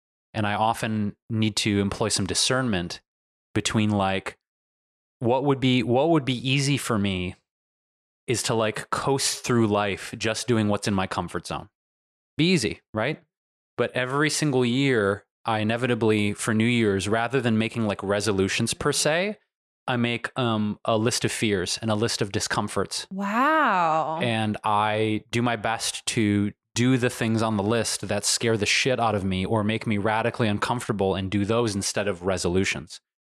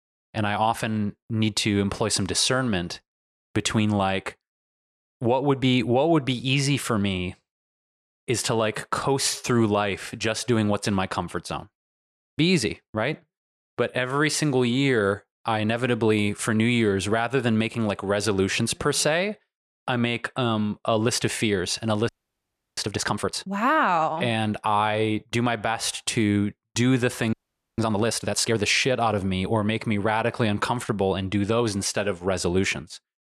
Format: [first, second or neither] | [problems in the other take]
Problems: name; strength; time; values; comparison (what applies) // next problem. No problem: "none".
first | audio freezing; at 22 s for 0.5 s and at 27 s